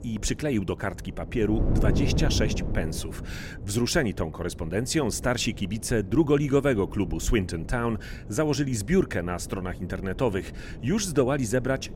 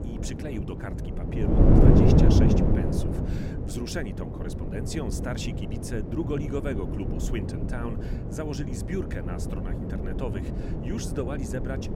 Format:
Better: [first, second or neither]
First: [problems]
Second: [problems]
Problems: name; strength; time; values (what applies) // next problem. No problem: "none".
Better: first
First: wind noise on the microphone; occasional gusts; 15 dB below the speech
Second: wind noise on the microphone; heavy; 4 dB above the speech